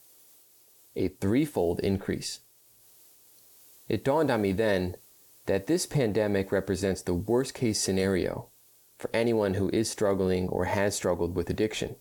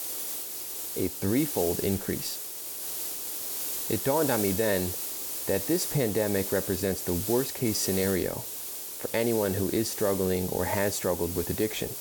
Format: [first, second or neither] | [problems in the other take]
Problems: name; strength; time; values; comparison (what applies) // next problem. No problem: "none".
first | hiss; loud; throughout; 3 dB below the speech; faint in the first